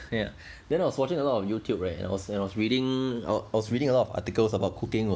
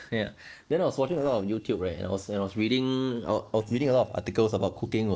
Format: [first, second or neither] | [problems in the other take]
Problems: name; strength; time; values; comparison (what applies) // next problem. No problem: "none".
first | noise reduction (neural separator model SepFormer DNS4)